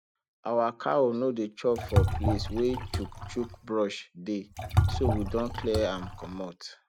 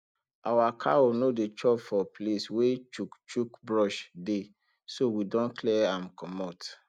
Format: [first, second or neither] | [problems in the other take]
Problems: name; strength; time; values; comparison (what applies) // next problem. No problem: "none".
second | background sound (Liquid); as loud as the speech